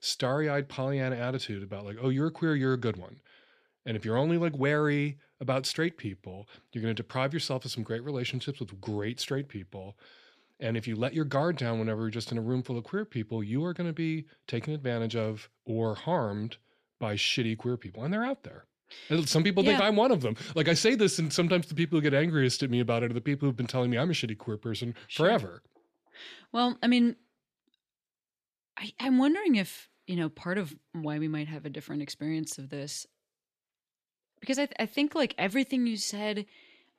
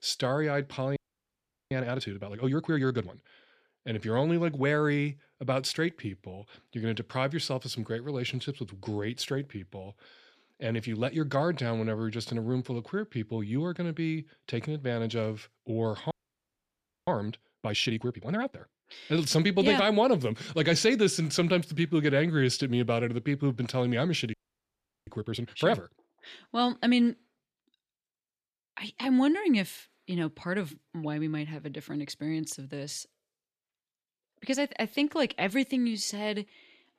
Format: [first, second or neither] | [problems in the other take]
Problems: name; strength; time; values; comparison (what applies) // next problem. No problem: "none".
first | audio freezing; at 1 s for 1 s, at 16 s for 1 s and at 24 s for 0.5 s